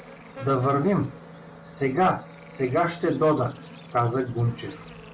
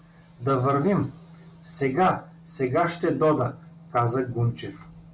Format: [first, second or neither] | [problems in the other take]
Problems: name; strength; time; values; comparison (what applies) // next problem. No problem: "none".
second | background sound (Bird / Insect); 20 dB below the speech